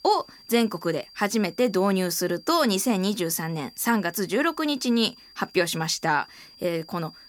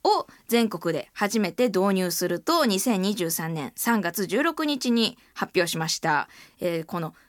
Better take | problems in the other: second | high-pitched whine; faint; throughout; 5 kHz, 25 dB below the speech

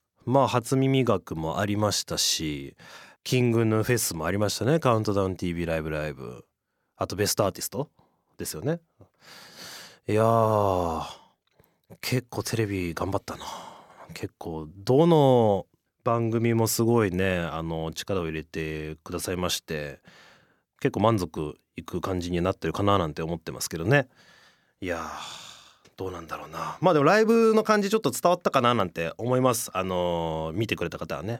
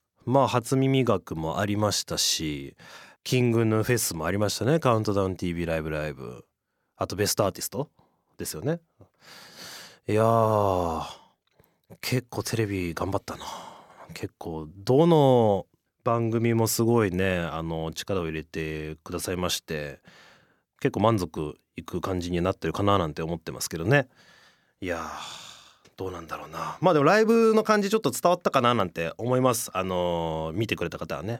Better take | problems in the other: neither | none

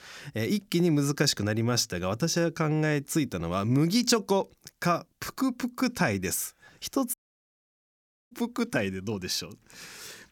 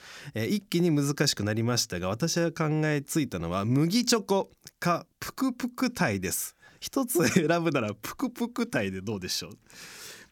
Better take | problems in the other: second | audio cutting out; at 7 s for 1 s

